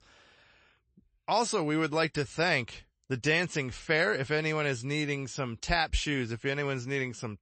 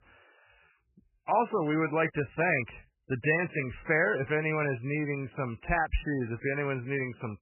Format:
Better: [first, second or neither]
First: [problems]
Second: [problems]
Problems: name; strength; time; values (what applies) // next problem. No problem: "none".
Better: first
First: garbled, watery; slightly; nothing above 8 kHz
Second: garbled, watery; badly; nothing above 2.5 kHz